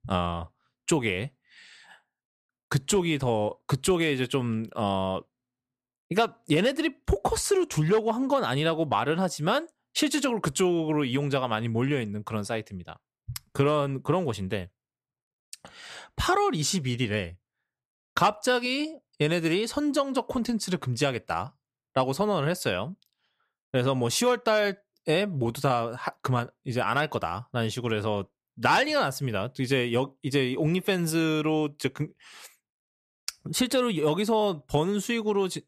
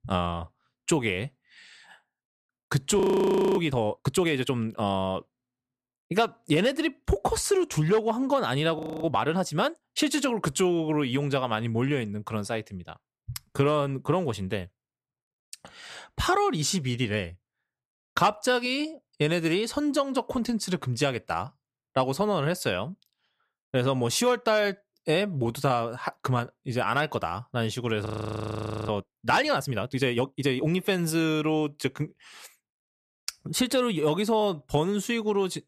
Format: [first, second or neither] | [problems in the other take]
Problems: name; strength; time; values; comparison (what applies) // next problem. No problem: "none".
first | audio freezing; at 3 s for 0.5 s, at 9 s and at 28 s for 1 s